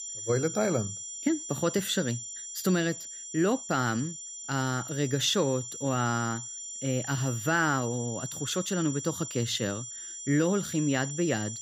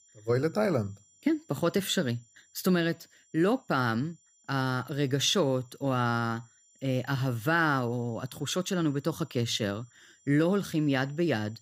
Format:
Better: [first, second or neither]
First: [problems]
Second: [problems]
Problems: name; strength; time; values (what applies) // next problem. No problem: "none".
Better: second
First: high-pitched whine; loud; throughout; 7 kHz, 7 dB below the speech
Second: high-pitched whine; faint; throughout; 7 kHz, 30 dB below the speech